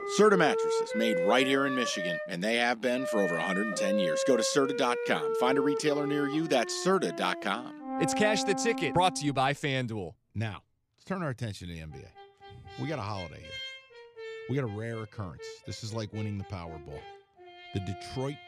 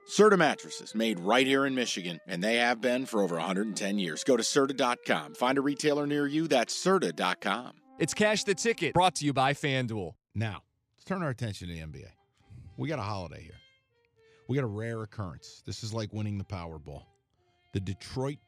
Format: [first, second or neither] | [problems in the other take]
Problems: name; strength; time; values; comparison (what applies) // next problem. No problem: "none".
second | background music; loud; throughout; 4 dB below the speech; faint in the second